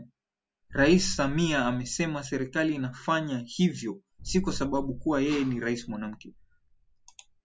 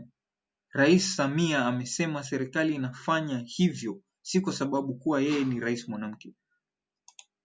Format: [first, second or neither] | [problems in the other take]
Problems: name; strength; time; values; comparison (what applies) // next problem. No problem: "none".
second | background sound (Boom); 12 dB below the speech